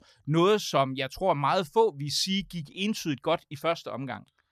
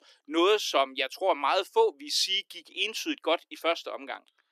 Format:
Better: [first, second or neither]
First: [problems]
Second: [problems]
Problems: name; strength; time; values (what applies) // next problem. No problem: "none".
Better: first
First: none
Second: thin; somewhat; fading below 300 Hz